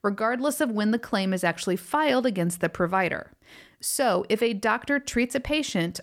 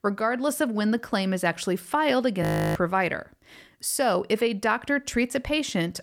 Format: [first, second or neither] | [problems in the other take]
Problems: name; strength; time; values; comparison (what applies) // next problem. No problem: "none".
first | audio freezing; at 2.5 s